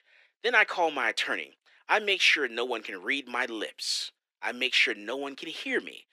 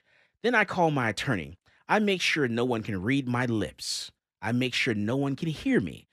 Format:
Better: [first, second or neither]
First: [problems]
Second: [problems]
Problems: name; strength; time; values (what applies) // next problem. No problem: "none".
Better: second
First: thin; very; fading below 350 Hz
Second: none